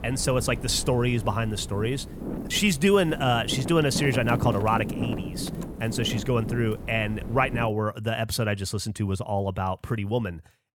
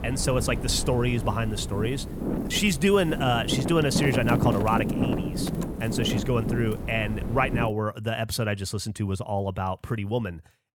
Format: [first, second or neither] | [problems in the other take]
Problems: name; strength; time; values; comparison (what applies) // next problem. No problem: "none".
first | wind noise on the microphone; heavy; until 7.5 s; 7 dB below the speech; occasional gusts in the first